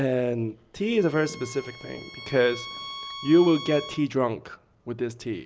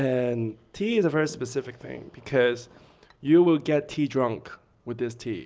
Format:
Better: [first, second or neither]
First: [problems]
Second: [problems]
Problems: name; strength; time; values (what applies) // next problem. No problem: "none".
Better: second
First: background sound (Bowed string instrument); 14 dB below the speech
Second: none